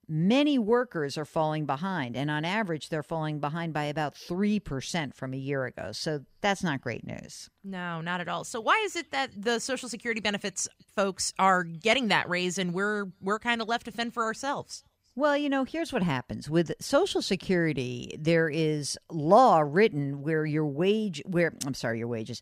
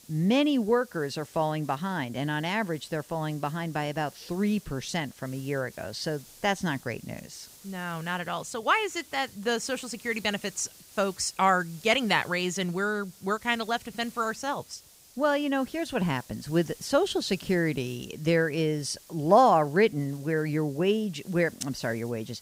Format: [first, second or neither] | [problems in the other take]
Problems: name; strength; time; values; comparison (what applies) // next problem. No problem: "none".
first | hiss; faint; throughout; 20 dB below the speech